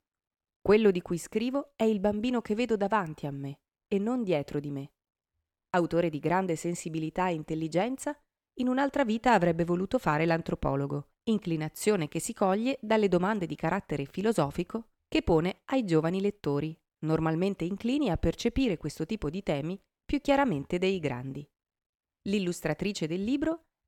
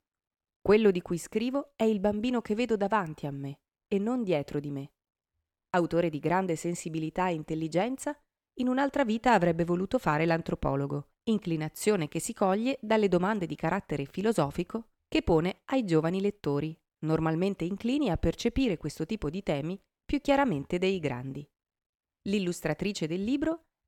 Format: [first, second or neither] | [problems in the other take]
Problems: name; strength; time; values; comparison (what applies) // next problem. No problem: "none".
neither | none